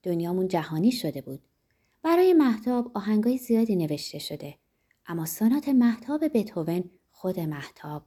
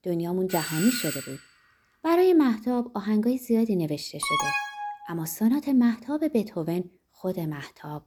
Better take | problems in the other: first | doorbell; noticeable; at 0.5 s; peak 4 dB below the speech // alarm; loud; at 4 s; peak 1 dB above the speech

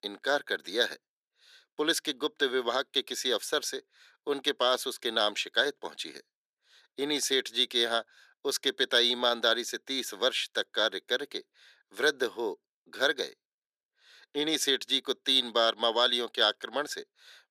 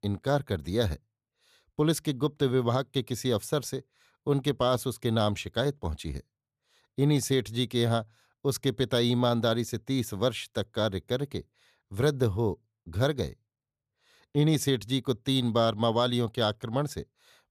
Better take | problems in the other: second | thin; somewhat; fading below 300 Hz

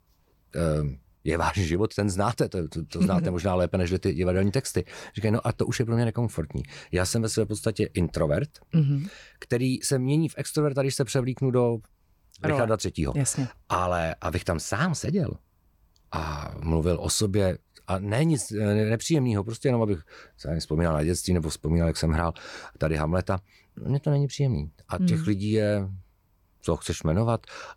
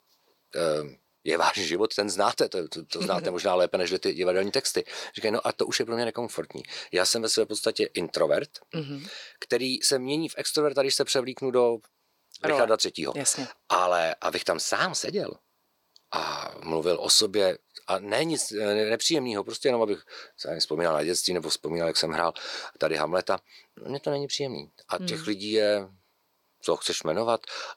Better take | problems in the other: first | thin; very; fading below 450 Hz

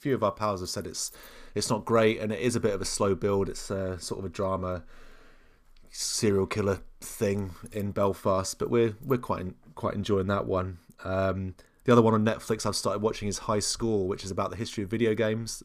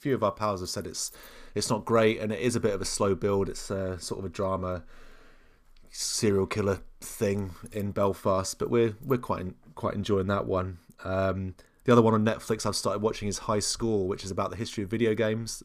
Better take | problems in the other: neither | none

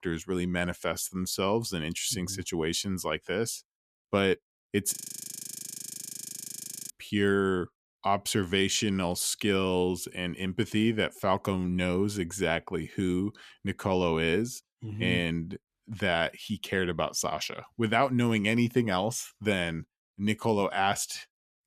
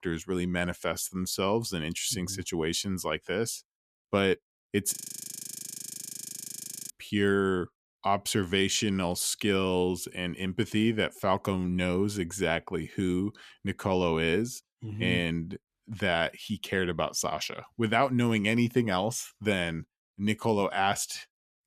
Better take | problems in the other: neither | audio freezing; at 5 s for 2 s; the same in both

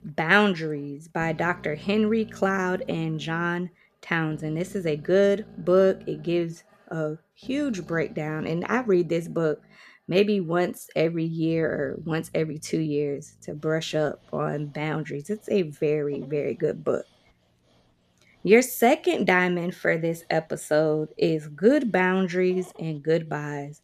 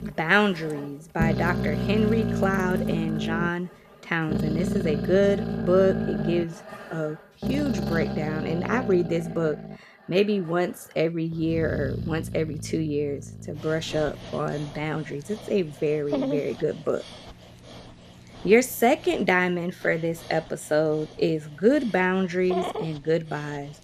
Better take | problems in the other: first | animal sounds; loud; throughout; 5 dB below the speech; faint in the first

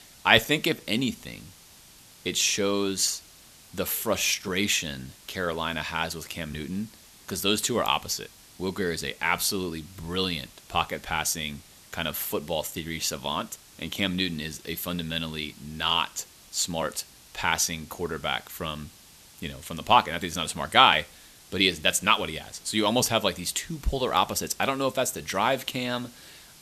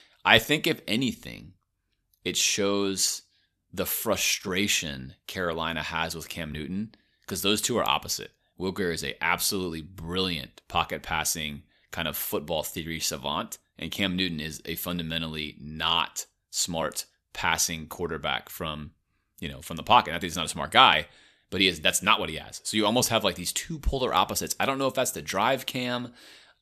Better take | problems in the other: second | hiss; faint; throughout; 25 dB below the speech

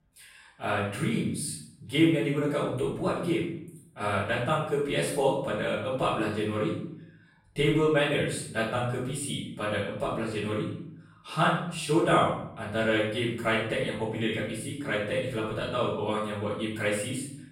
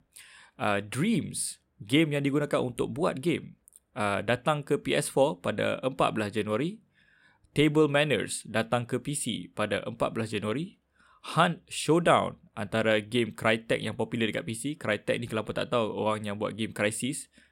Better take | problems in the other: second | room echo; noticeable; dies away in 0.6 s // off-mic speech; far

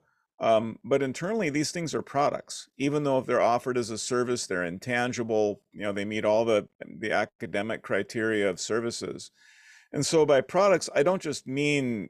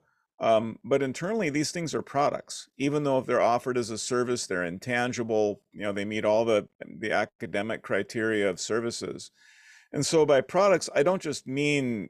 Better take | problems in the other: neither | none

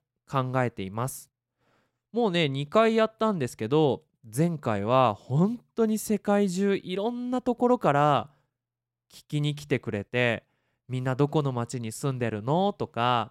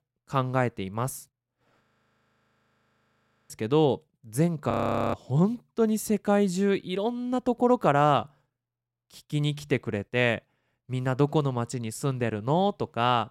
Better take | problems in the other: first | audio freezing; at 2 s for 1.5 s and at 4.5 s

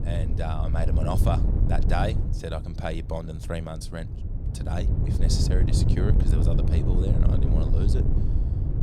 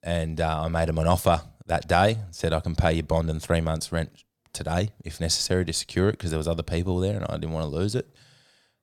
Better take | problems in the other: second | wind noise on the microphone; heavy; 3 dB below the speech

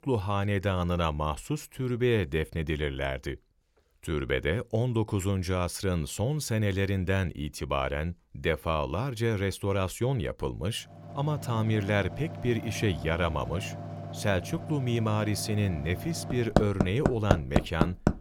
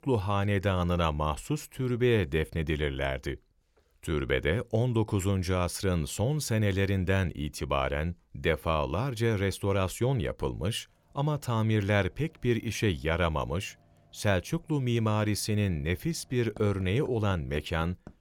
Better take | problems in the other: second | machinery noise; loud; from 11 s on; 4 dB below the speech; faint in the second

